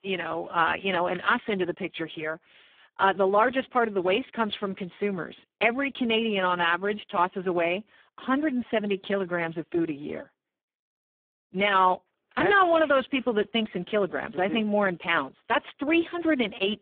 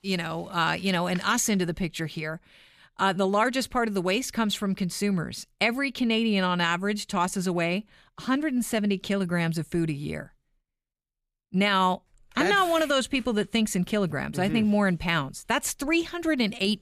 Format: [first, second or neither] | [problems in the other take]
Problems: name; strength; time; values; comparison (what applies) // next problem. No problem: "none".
second | phone-call audio; poor line